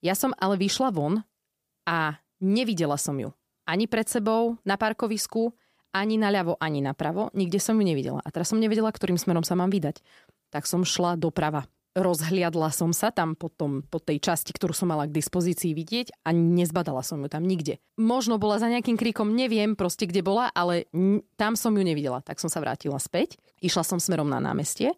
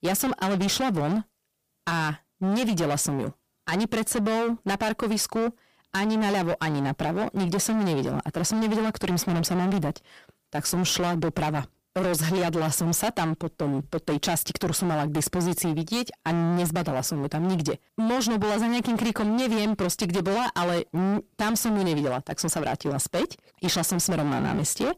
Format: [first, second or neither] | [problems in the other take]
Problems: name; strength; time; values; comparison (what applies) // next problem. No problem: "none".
first | distortion; heavy; 28% of the sound clipped